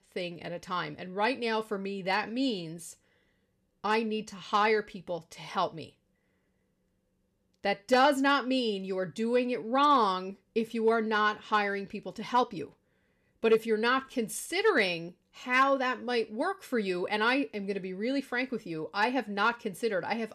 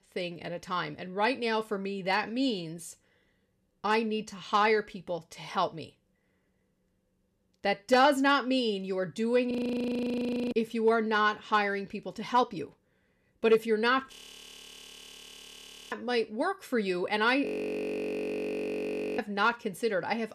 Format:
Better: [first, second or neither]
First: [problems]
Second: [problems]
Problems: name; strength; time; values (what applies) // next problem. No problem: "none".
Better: first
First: none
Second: audio freezing; at 9.5 s for 1 s, at 14 s for 2 s and at 17 s for 1.5 s